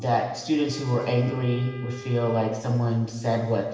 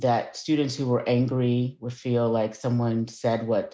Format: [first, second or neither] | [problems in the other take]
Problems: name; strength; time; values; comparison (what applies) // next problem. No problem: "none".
second | background sound (Wind instrument, woodwind instrument); 18 dB below the speech // room echo; dies away in 1.4 s